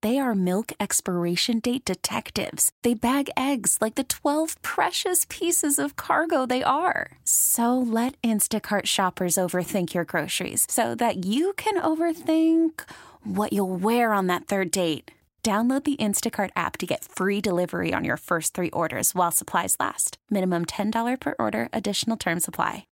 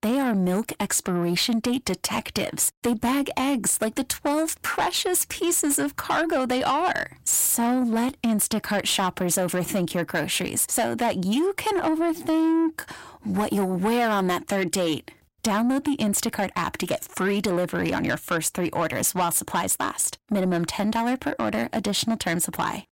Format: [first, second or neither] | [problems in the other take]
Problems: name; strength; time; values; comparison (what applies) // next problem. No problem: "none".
first | distortion; slight; 10 dB below the speech